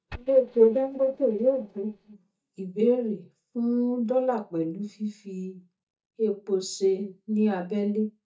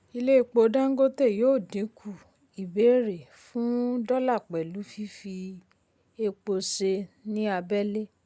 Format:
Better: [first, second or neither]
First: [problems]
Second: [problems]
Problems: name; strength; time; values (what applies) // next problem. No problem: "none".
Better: second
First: noise reduction (neural mask model DeepFilterNet 3)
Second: none